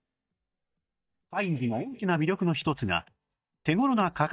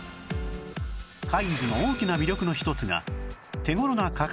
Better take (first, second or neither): second